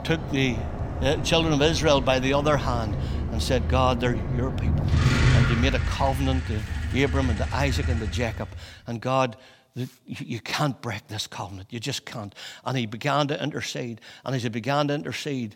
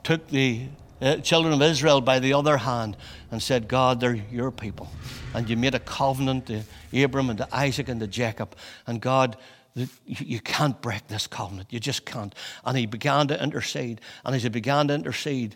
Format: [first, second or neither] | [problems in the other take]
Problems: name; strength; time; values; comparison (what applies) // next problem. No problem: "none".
second | traffic noise; loud; until 8 s; 1 dB below the speech; faint in the second